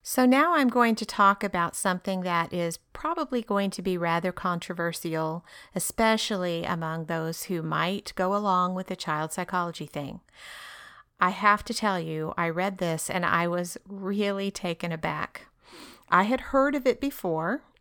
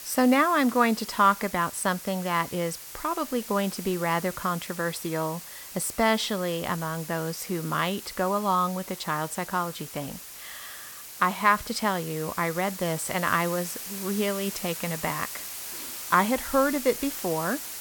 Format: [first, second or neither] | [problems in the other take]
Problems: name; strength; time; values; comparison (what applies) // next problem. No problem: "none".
first | hiss; loud; throughout; 10 dB below the speech